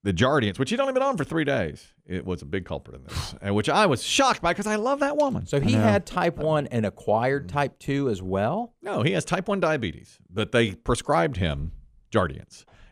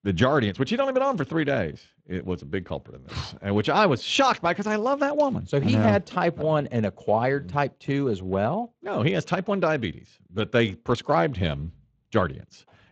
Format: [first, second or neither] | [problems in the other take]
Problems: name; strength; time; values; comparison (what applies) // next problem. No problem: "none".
first | garbled, watery; slightly